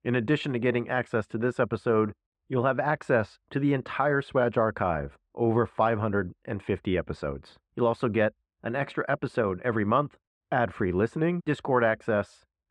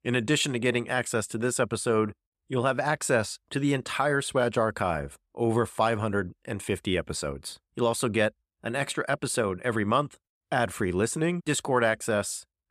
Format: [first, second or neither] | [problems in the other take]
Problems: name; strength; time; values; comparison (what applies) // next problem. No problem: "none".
second | muffled; very; fading above 2 kHz